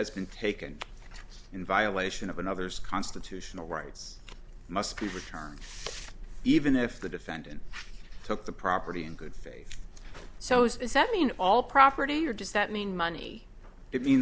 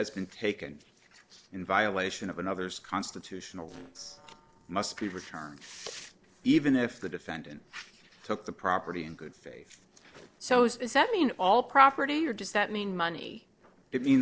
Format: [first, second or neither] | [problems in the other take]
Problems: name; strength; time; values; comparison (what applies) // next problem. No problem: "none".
first | noise reduction (neural separator model SepFormer DNS4)